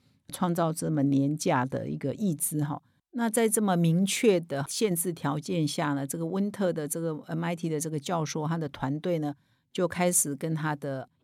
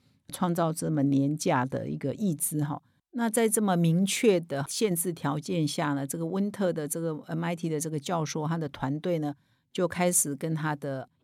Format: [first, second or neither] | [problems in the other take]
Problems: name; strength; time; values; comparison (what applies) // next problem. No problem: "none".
neither | none